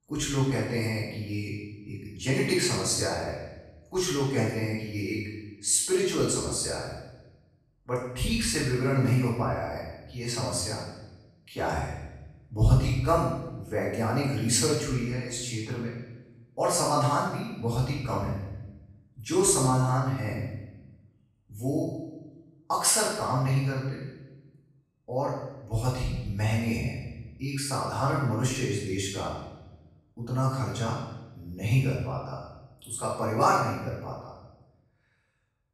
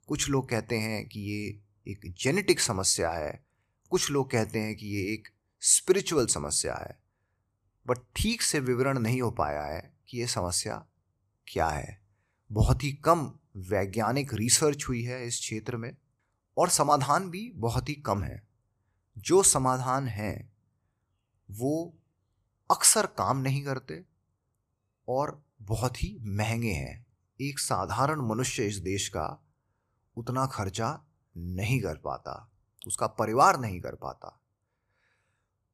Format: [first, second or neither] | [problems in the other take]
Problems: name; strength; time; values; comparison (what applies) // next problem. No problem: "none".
second | room echo; noticeable; dies away in 1 s // off-mic speech; far